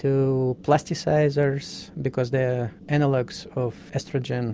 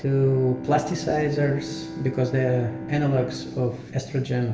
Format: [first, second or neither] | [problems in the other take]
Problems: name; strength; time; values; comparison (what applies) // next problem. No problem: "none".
first | background sound (Bowed string instrument); 12 dB below the speech // room echo; dies away in 1.1 s